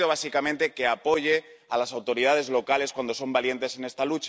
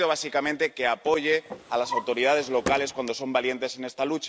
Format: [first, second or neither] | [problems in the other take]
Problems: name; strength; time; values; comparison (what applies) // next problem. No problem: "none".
first | background sound (Drawer open or close); 13 dB below the speech